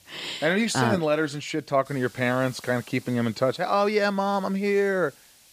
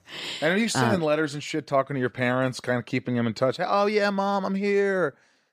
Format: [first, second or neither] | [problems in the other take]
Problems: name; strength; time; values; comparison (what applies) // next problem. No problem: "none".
second | hiss; faint; throughout; 25 dB below the speech